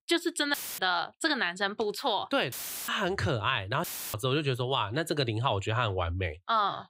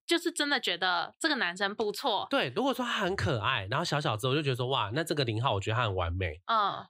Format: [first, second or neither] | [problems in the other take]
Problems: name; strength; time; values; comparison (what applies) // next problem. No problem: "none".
second | audio cutting out; filled with static; at 0.5 s, at 2.5 s and at 4 s